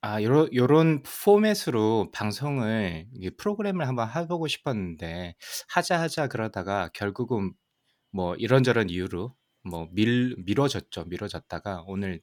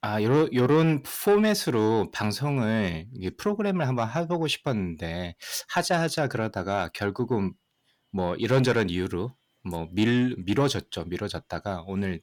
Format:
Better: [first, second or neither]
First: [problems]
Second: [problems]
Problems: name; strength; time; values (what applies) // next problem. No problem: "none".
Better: first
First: none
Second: distortion; slight; 10 dB below the speech